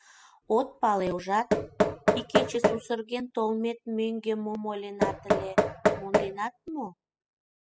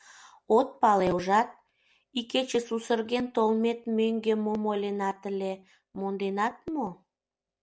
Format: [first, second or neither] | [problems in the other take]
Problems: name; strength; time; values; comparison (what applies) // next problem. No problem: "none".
second | noise reduction (classical method spectral subtraction)